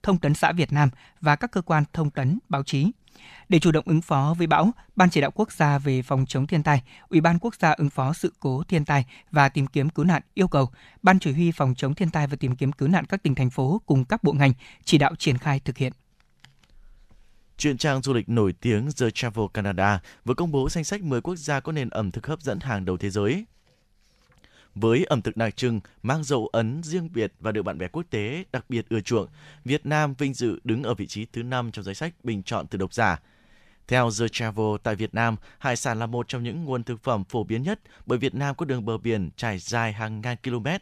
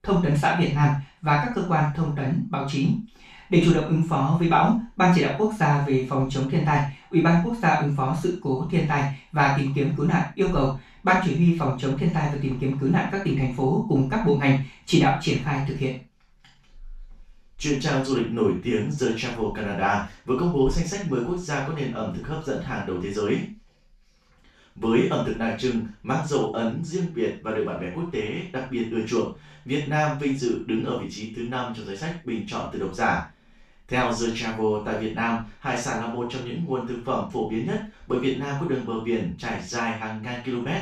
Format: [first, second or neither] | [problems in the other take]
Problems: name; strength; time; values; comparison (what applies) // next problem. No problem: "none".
first | room echo; noticeable; dies away in 0.3 s // off-mic speech; far